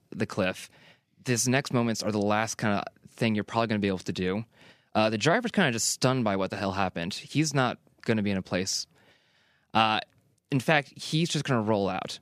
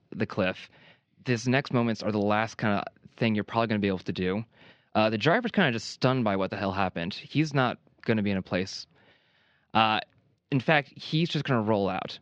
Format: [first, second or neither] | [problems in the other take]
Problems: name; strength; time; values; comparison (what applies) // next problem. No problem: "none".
first | muffled; slightly; fading above 4.5 kHz